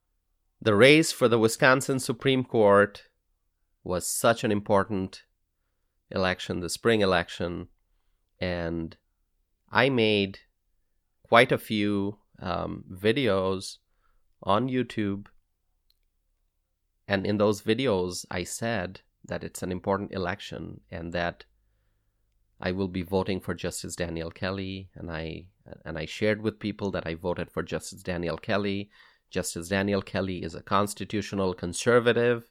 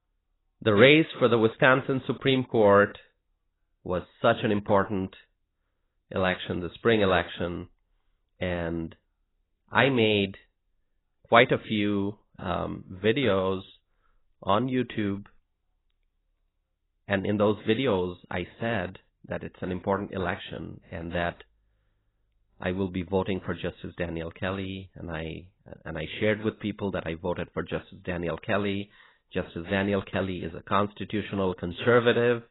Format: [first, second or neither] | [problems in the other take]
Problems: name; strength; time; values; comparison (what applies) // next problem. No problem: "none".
first | garbled, watery; badly; nothing above 4 kHz